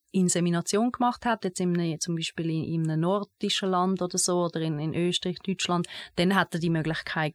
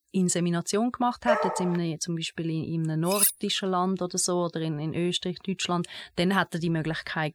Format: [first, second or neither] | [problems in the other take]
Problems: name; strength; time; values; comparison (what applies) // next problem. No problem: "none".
first | dog barking; loud; at 1.5 s; peak 1 dB above the speech // clattering dishes; loud; at 3 s; peak 5 dB above the speech